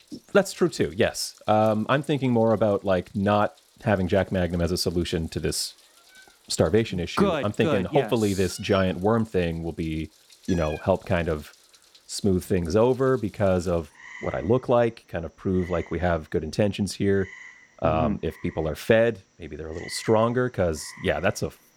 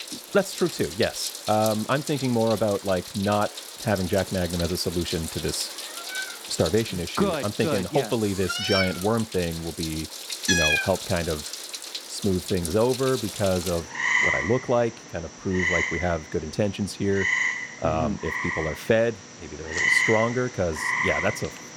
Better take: first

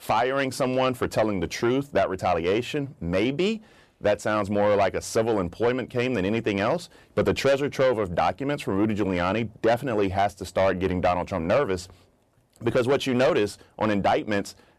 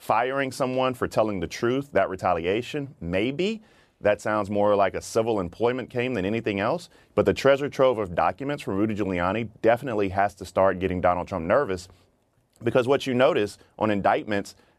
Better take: second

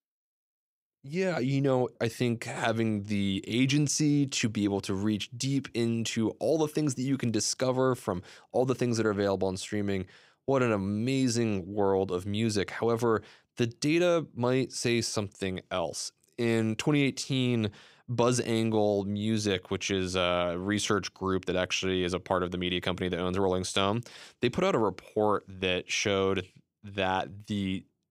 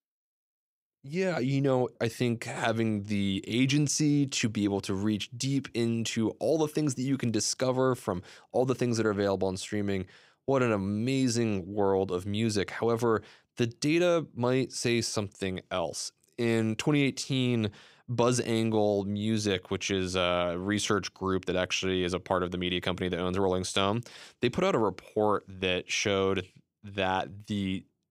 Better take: neither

